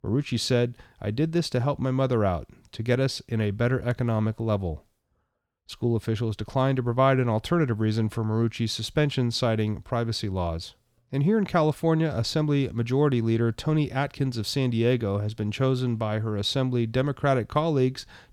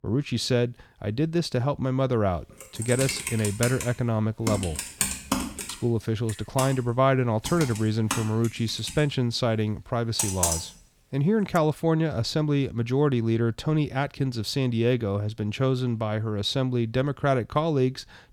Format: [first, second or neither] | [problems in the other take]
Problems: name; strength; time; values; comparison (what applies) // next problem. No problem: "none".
first | keyboard typing; loud; from 3 to 11 s; peak 2 dB above the speech